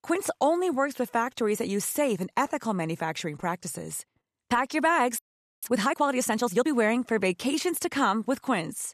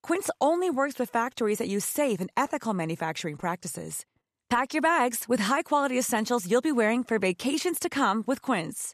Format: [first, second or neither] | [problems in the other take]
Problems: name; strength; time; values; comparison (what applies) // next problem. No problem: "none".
second | audio freezing; at 5 s